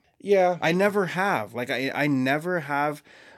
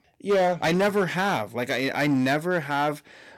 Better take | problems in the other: first | distortion; slight; 8% of the sound clipped

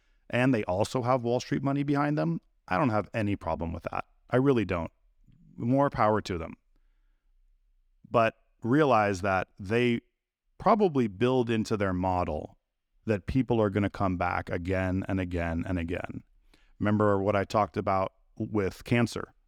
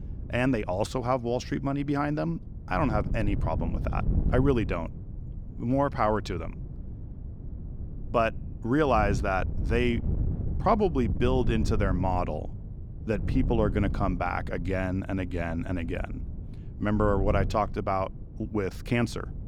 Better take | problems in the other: first | wind noise on the microphone; occasional gusts; 15 dB below the speech

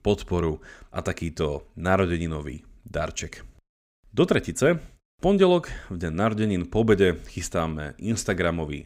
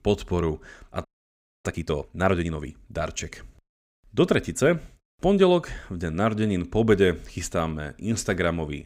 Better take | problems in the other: first | audio freezing; at 1 s for 0.5 s

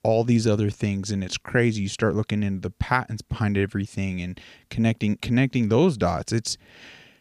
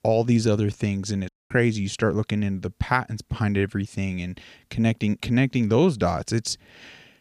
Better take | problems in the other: first | audio cutting out; at 1.5 s

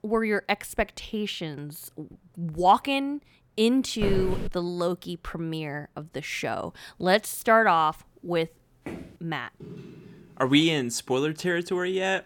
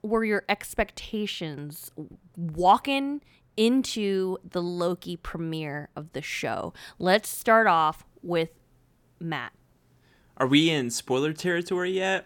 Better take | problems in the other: second | footsteps; noticeable; at 4 s; peak 5 dB below the speech // footsteps; faint; at 9 s and from 9.5 to 11 s; peak 15 dB below the speech

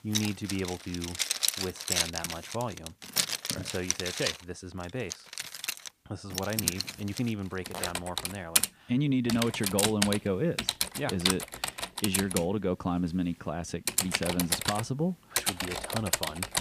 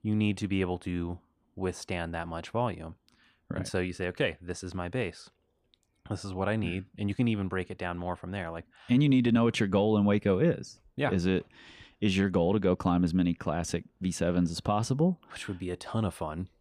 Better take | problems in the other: second | household noises; very loud; throughout; 2 dB above the speech

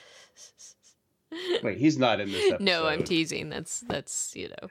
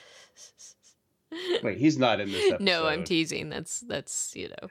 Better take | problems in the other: second | footsteps; noticeable; at 3 s; peak 9 dB below the speech

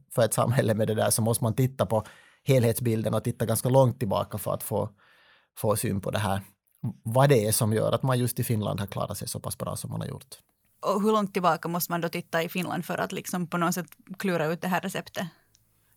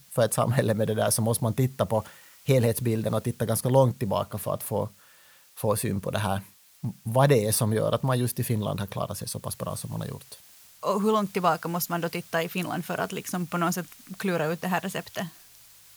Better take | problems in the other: first | hiss; faint; throughout; 25 dB below the speech

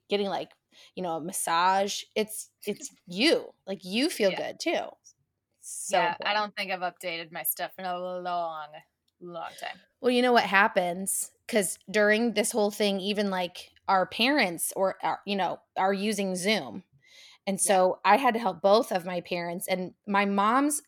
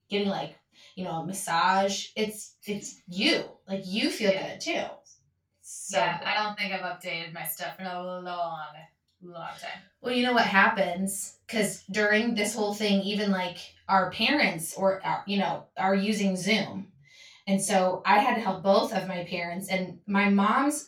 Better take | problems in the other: first | room echo; noticeable; dies away in 0.2 s // off-mic speech; far

